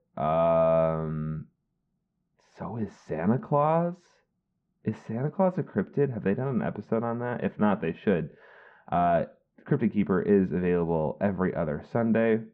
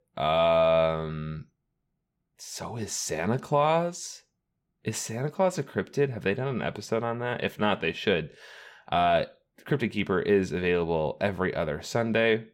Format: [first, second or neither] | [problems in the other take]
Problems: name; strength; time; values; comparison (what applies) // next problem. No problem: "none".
second | muffled; very; fading above 1 kHz